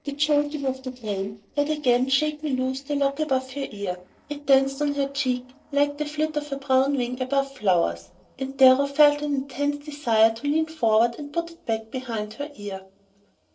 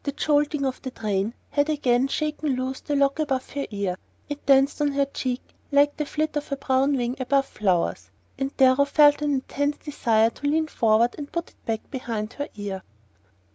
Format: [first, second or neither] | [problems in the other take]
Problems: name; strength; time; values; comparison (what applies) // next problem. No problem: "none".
second | noise reduction (neural separator model SepFormer DNS4)